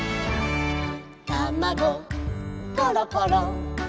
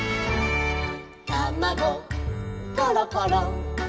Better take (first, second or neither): first